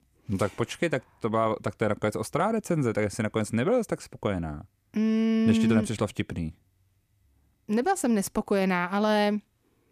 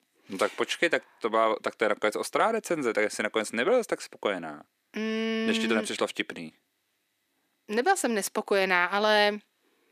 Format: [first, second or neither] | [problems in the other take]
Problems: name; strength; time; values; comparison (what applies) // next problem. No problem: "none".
first | thin; somewhat; fading below 300 Hz